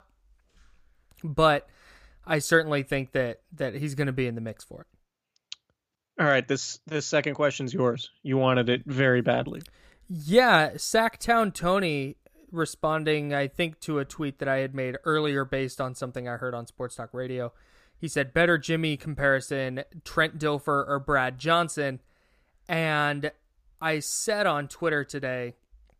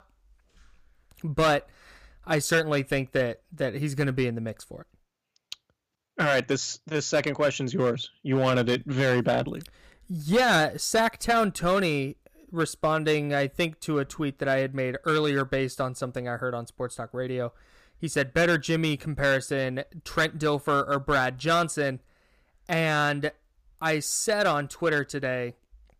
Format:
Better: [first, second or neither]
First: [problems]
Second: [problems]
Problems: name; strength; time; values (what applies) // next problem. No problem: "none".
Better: first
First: none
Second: distortion; slight; 4% of the sound clipped